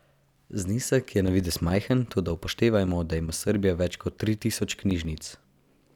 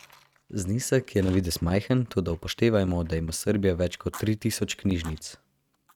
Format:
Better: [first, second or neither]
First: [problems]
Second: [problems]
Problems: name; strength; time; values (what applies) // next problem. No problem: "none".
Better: first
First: none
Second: noise reduction (neural mask model RNNoise)